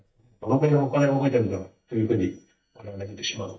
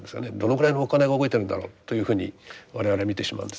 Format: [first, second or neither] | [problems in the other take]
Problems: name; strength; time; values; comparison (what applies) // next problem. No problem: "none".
second | noise reduction (neural mask model DeepFilterNet 3)